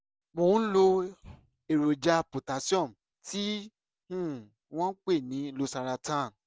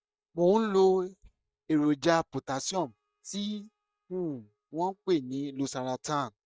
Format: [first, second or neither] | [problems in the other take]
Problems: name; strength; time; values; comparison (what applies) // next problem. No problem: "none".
first | noise reduction (neural mask model DeepFilterNet 3)